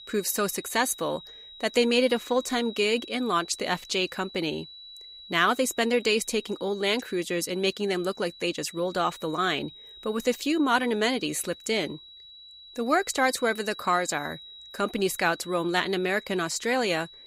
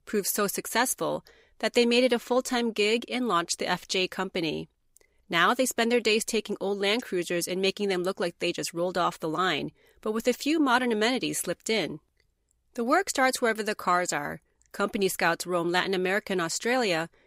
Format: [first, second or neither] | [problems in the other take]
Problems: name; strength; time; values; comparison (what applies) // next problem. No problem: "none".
second | high-pitched whine; noticeable; throughout; 4 kHz, 15 dB below the speech